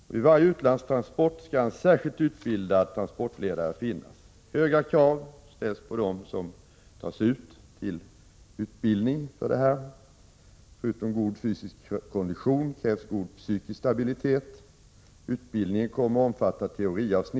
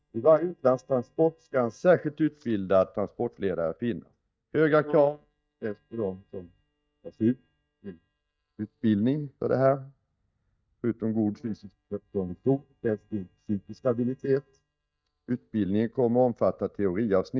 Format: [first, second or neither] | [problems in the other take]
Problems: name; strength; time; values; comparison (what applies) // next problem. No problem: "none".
first | noise reduction (neural mask model DeepFilterNet 3)